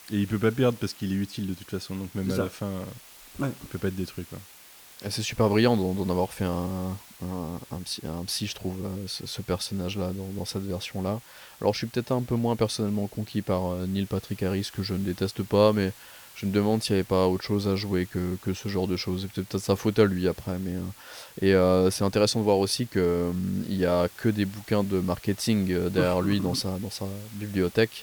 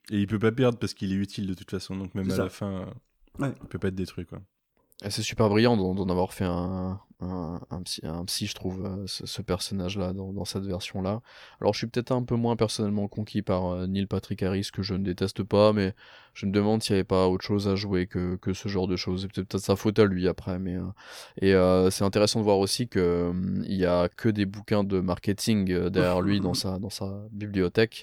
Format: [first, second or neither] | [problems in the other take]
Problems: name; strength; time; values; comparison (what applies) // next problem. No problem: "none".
second | hiss; noticeable; throughout; 20 dB below the speech